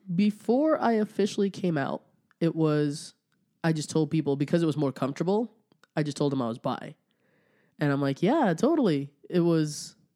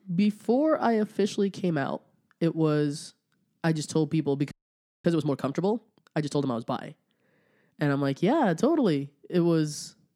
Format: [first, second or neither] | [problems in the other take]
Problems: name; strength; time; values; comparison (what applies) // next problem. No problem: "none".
first | audio freezing; at 4.5 s for 0.5 s